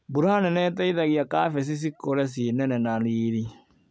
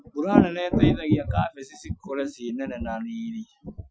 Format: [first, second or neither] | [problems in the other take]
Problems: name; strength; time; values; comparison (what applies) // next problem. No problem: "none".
first | noise reduction (classical method Wiener filter)